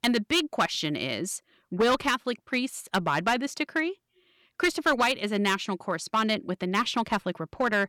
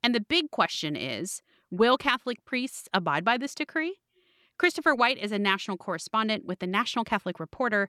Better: second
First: distortion; slight; 4% of the sound clipped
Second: none

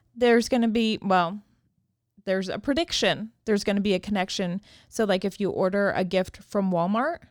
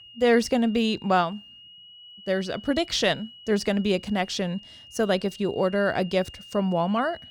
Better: first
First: none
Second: high-pitched whine; noticeable; throughout; 3 kHz, 20 dB below the speech

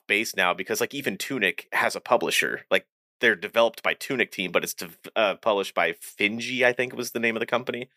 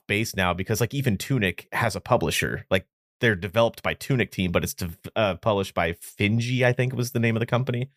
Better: second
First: thin; somewhat; fading below 250 Hz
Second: none

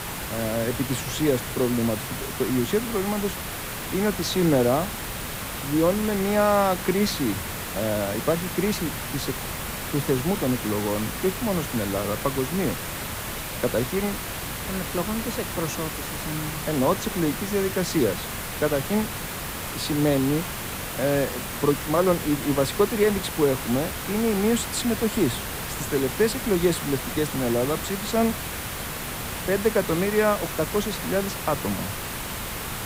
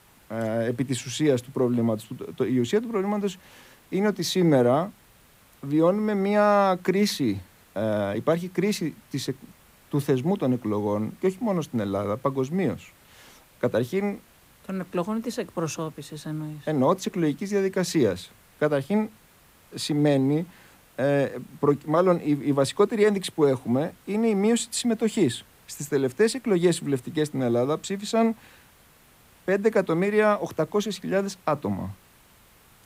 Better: second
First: hiss; loud; throughout; 5 dB below the speech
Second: hiss; faint; throughout; 30 dB below the speech

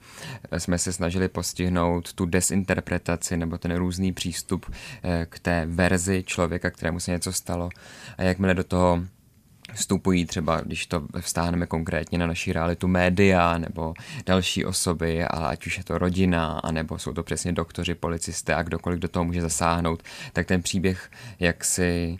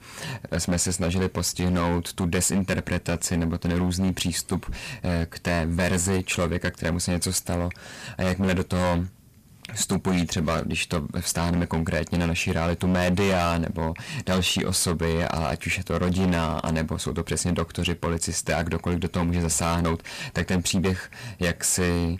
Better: first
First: none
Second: distortion; heavy; 13% of the sound clipped

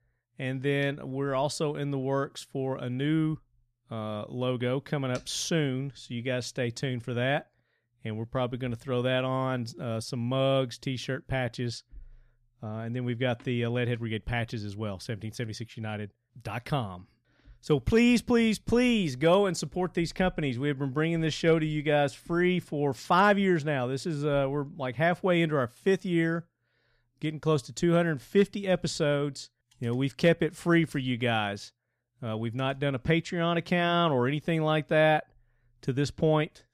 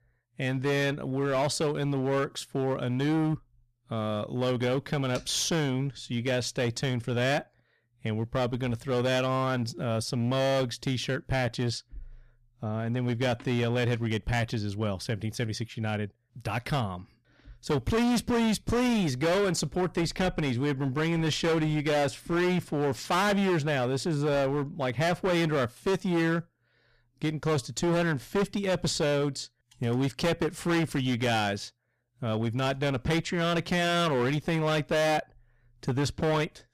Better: first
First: none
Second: distortion; heavy; 17% of the sound clipped

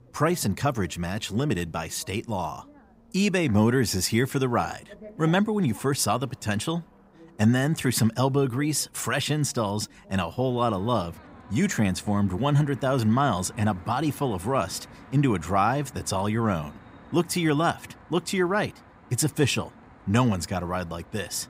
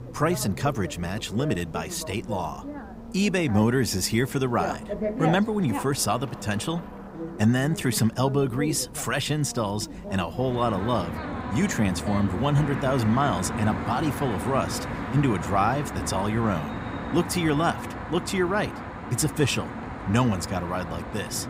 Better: first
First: traffic noise; faint; throughout; 25 dB below the speech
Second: traffic noise; loud; throughout; 8 dB below the speech

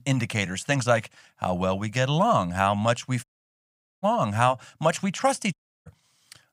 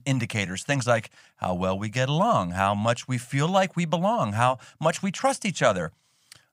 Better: second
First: audio cutting out; at 3 s for 1 s and at 5.5 s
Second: none

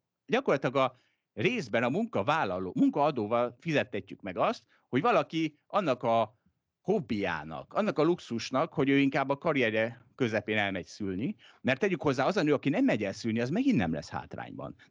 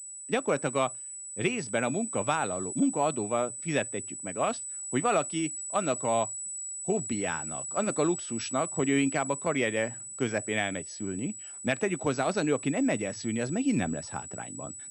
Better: first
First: none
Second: high-pitched whine; loud; throughout; 8 kHz, 6 dB below the speech

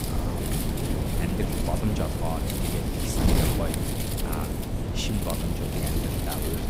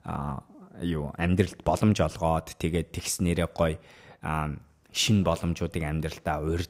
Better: second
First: wind noise on the microphone; heavy; 3 dB above the speech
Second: none

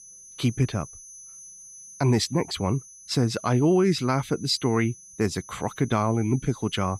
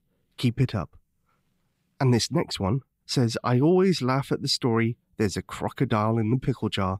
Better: second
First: high-pitched whine; noticeable; throughout; 6 kHz, 20 dB below the speech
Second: none

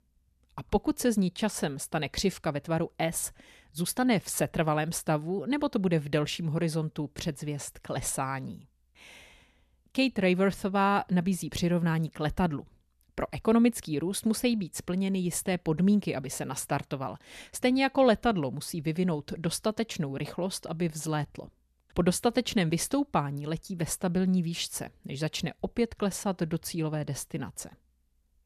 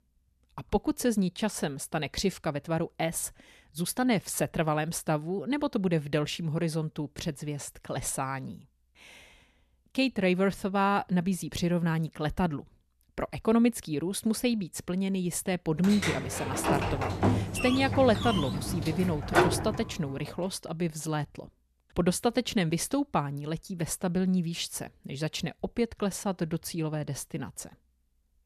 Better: first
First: none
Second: door banging; loud; from 16 to 20 s; peak 5 dB above the speech

